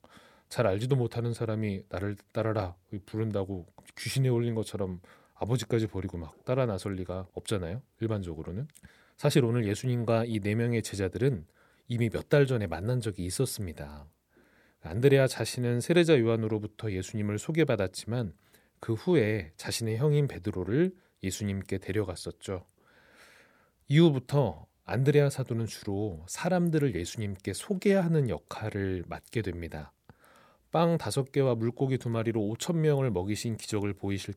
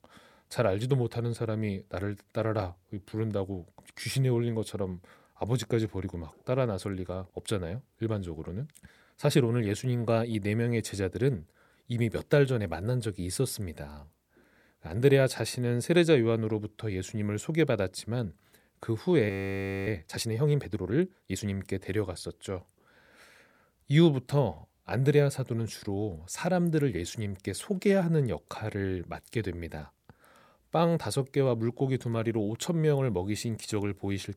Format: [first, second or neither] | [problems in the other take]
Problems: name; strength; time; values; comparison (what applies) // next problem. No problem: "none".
first | audio freezing; at 19 s for 0.5 s